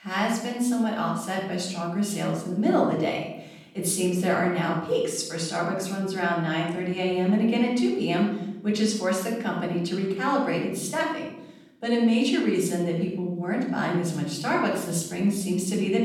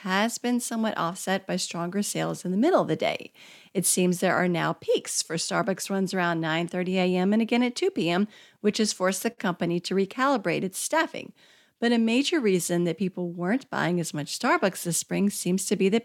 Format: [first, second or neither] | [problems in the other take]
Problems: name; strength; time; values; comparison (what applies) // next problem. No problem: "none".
second | off-mic speech; far // room echo; noticeable; dies away in 0.8 s